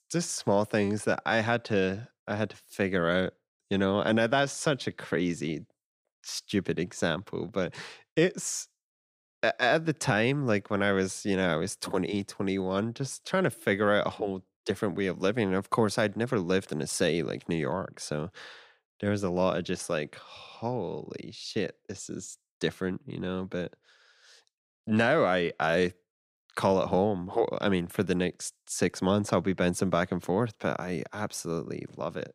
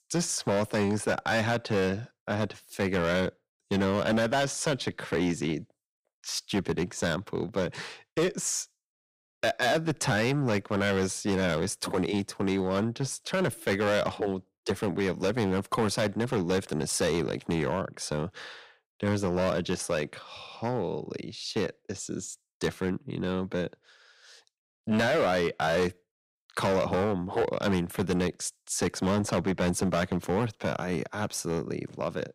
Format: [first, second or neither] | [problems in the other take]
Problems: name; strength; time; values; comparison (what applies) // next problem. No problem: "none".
first | distortion; heavy; 8% of the sound clipped